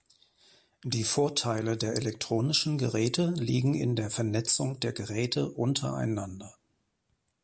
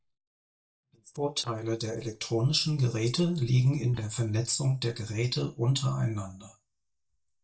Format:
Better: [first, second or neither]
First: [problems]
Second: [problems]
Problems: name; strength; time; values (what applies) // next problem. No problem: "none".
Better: first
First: none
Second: noise reduction (neural mask model DeepFilterNet 3)